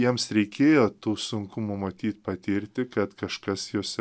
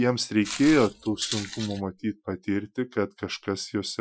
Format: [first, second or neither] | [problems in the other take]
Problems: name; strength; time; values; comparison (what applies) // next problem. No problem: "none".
first | noise reduction (classical method Wiener filter)